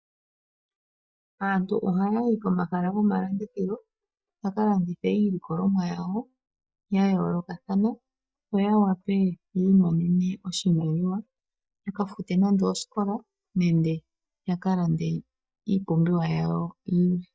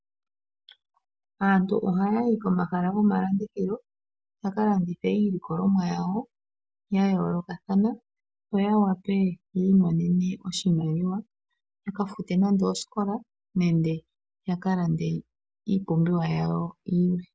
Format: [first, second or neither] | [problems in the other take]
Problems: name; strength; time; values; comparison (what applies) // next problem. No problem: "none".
second | noise reduction (neural mask model DeepFilterNet 3)